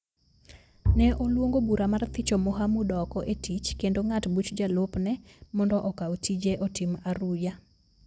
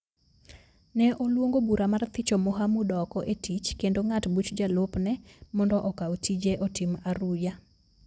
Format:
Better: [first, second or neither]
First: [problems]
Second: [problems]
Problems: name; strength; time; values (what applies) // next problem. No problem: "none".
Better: second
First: background sound (Bowed string instrument); 4 dB below the speech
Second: none